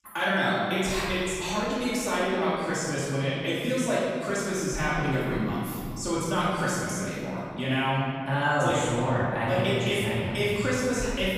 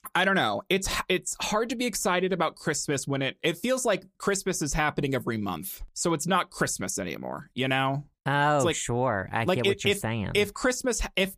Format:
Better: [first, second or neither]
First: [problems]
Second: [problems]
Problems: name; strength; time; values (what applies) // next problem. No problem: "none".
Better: second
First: room echo; strong; dies away in 2.2 s // off-mic speech; far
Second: none